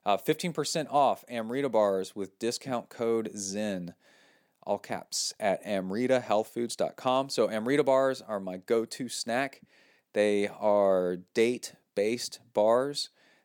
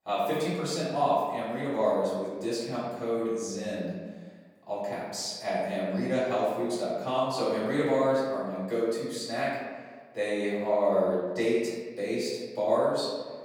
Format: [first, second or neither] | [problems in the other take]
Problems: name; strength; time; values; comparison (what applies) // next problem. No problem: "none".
first | off-mic speech; far // room echo; noticeable; dies away in 1.3 s